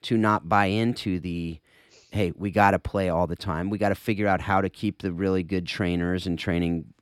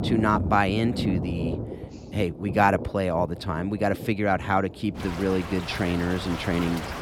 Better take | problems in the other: first | rain or running water; loud; throughout; 8 dB below the speech

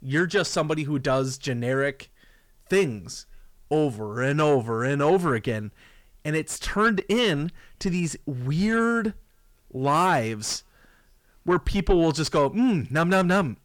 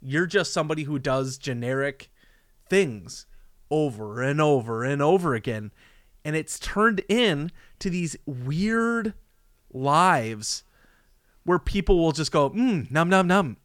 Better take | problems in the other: second | distortion; slight; 10 dB below the speech

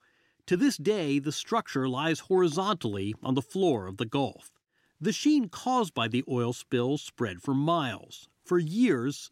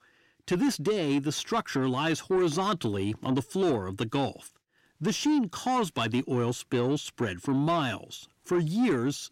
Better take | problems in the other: first | distortion; slight; 10 dB below the speech

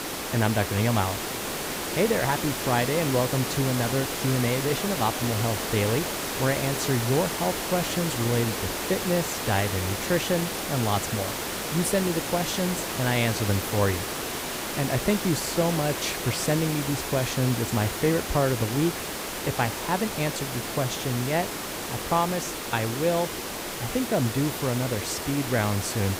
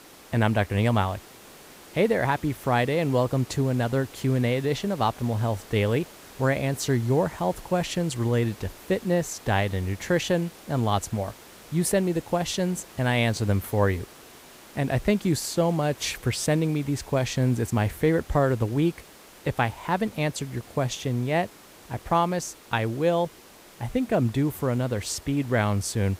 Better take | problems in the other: second | hiss; loud; throughout; 3 dB below the speech; faint in the second

